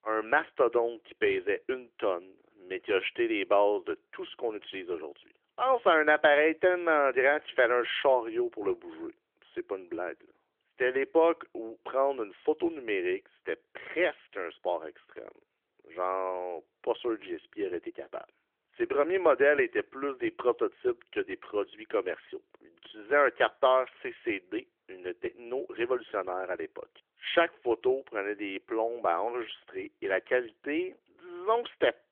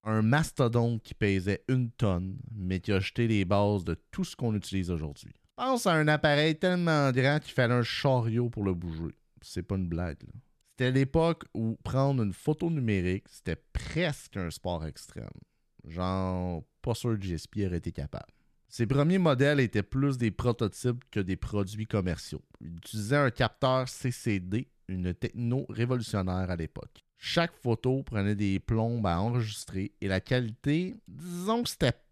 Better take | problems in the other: second | phone-call audio; nothing above 3.5 kHz

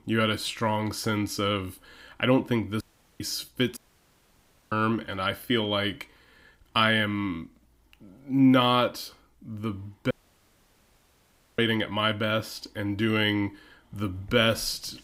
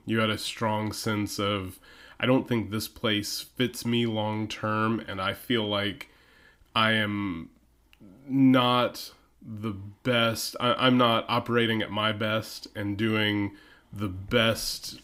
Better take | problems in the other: second | audio cutting out; at 3 s, at 4 s for 1 s and at 10 s for 1.5 s

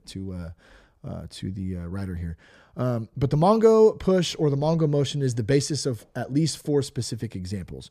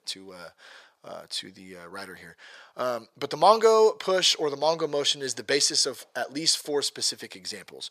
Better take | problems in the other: first | thin; very; fading below 700 Hz

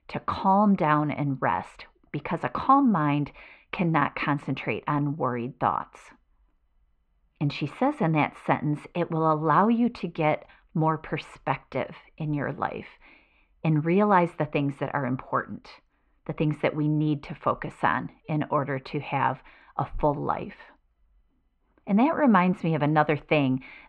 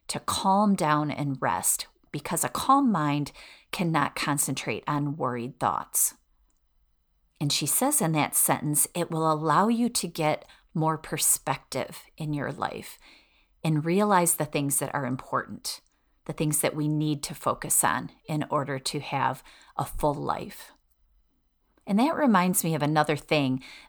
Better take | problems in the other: second | muffled; very; fading above 2.5 kHz

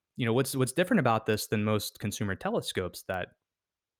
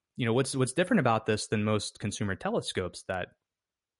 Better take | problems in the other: first | garbled, watery; slightly; nothing above 10.5 kHz

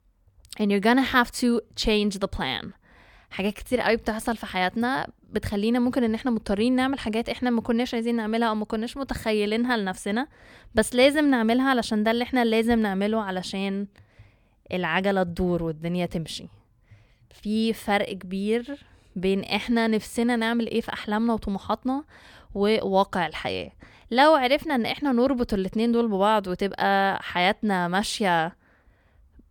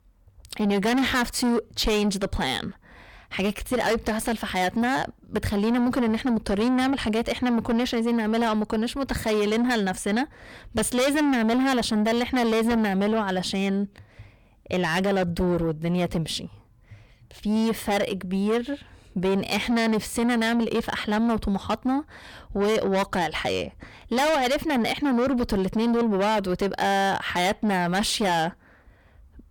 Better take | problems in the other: first | distortion; heavy; 7 dB below the speech

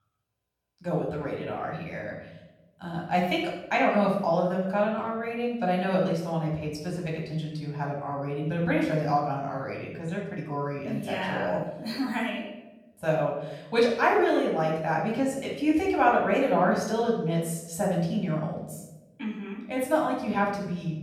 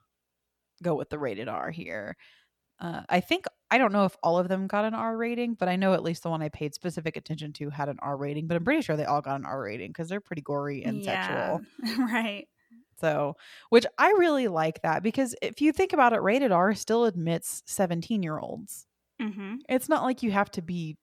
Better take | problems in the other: second | off-mic speech; far // room echo; noticeable; dies away in 0.9 s

